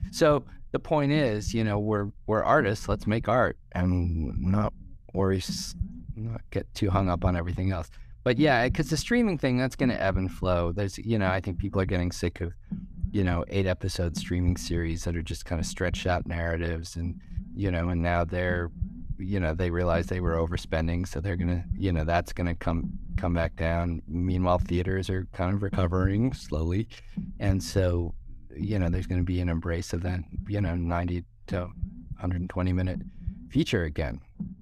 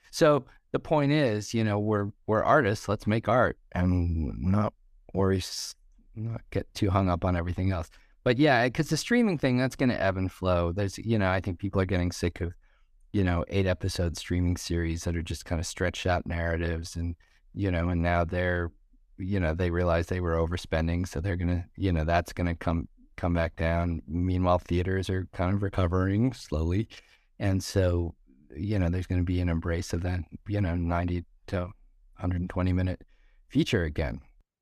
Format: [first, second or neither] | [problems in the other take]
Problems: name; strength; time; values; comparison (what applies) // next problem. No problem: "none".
second | low rumble; noticeable; throughout; 20 dB below the speech